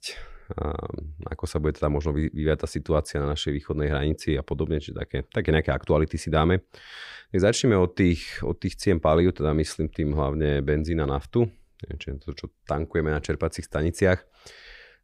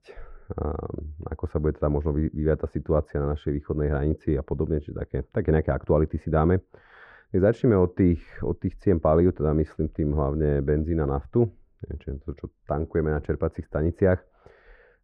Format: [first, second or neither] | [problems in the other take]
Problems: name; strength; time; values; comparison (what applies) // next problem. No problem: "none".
first | muffled; very; fading above 2 kHz